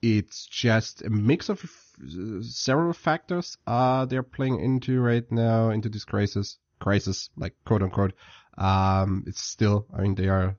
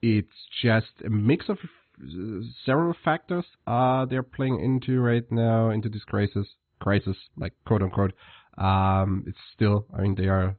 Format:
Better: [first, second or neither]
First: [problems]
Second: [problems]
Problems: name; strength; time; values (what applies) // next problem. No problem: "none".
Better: first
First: garbled, watery; slightly; nothing above 6.5 kHz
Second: garbled, watery; badly; nothing above 4 kHz